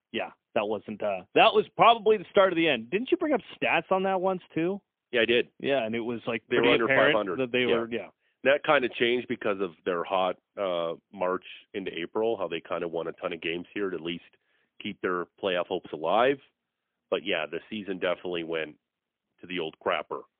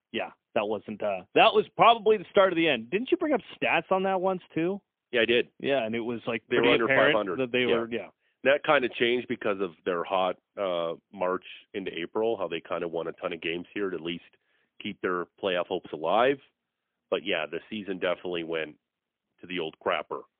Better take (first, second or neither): neither